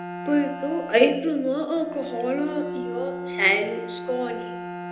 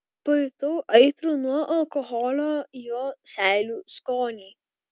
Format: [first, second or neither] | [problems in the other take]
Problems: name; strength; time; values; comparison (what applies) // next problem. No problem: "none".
second | background sound (Bowed string instrument); 9 dB below the speech // room echo; dies away in 0.8 s